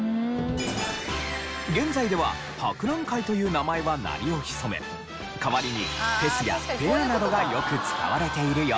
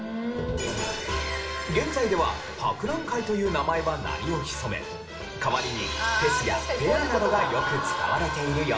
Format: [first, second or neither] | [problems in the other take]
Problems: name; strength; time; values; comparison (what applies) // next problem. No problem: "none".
first | room echo; dies away in 0.6 s